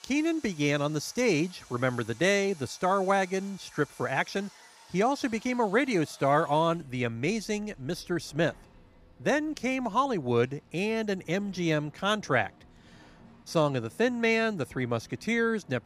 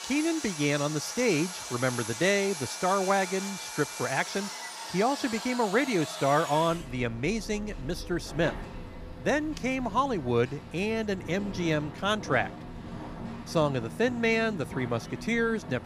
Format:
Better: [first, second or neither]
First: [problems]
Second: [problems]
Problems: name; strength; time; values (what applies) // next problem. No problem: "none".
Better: first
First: machinery noise; faint; throughout; 25 dB below the speech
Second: machinery noise; loud; throughout; 10 dB below the speech